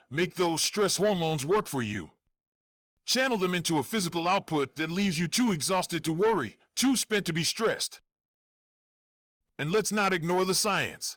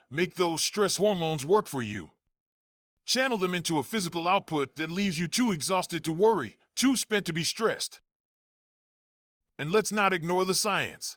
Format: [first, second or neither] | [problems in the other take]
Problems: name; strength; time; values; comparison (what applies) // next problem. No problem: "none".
second | distortion; slight; 10 dB below the speech